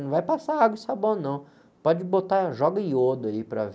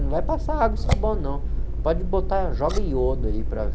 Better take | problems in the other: first | background sound (Scissors + Thunderstorm); 3 dB above the speech

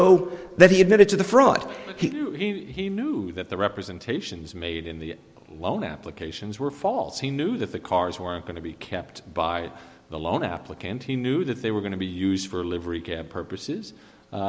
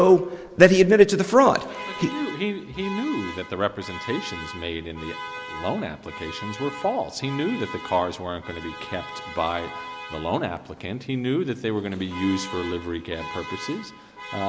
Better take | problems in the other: first | background sound (Alarm); 14 dB below the speech

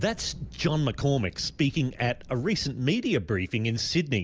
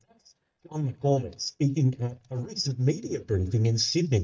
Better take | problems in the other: first | noise reduction (neural mask model DeepFilterNet 3)

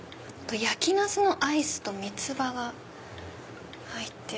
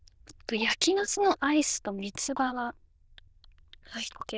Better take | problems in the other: first | noise reduction (neural diffusion model UNIVERSE++)

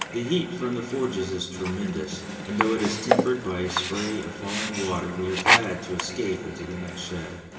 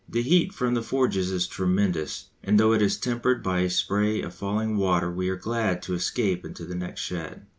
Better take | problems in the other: second | background sound (Sink (filling or washing)); 1 dB below the speech // room echo; dies away in 2.8 s

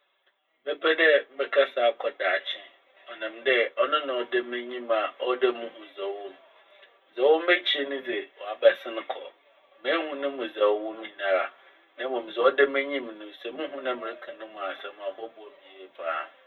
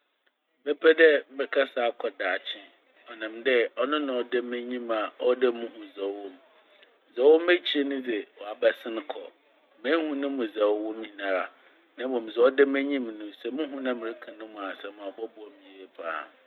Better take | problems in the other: second | room echo; dies away in 0.1 s

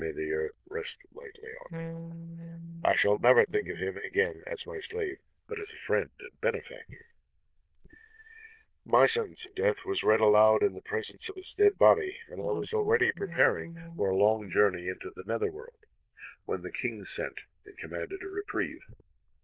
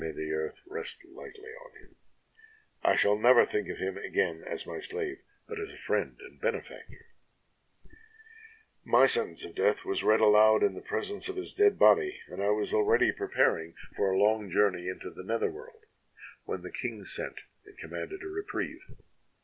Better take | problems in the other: second | noise reduction (neural diffusion model UNIVERSE++)

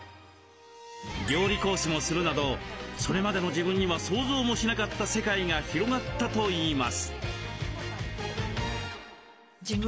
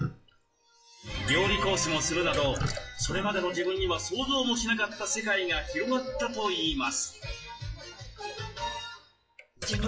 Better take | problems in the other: first | noise reduction (classical method WPE with log-MMSE)

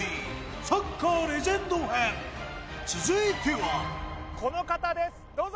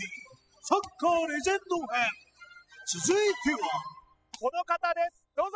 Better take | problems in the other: first | noise reduction (classical method spectral subtraction)

